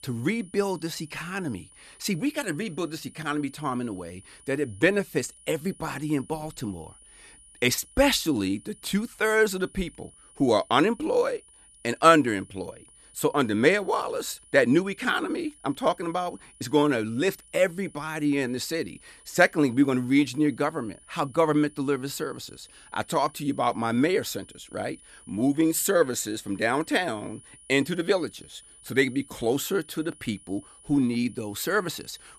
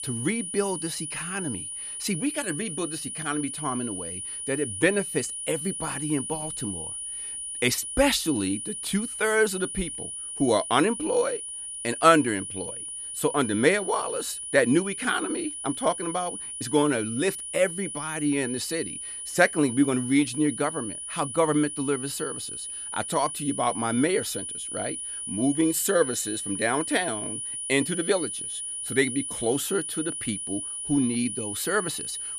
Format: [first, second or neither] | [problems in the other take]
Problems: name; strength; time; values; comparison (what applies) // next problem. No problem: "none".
first | high-pitched whine; loud; throughout; 9.5 kHz, 5 dB below the speech; faint in the first